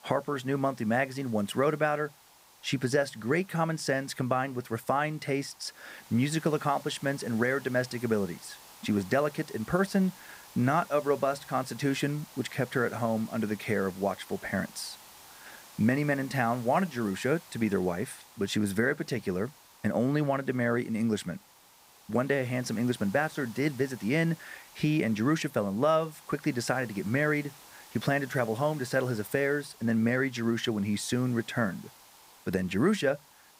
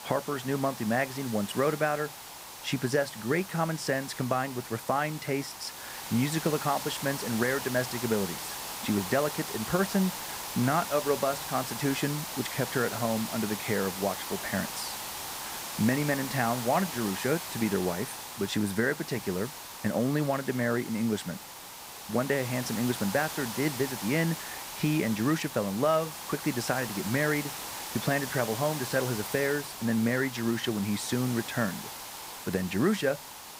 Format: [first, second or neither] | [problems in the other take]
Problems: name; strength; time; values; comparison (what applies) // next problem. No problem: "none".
first | hiss; loud; throughout; 7 dB below the speech; faint in the first